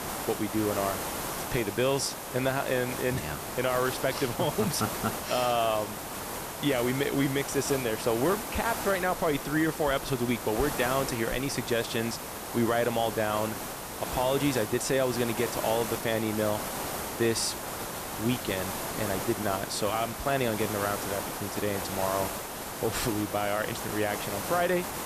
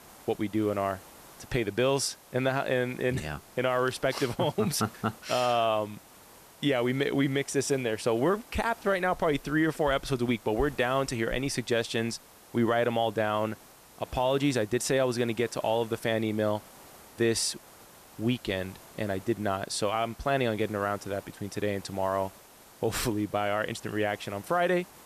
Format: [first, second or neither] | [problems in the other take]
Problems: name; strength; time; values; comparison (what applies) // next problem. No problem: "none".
second | hiss; loud; throughout; 5 dB below the speech; faint in the second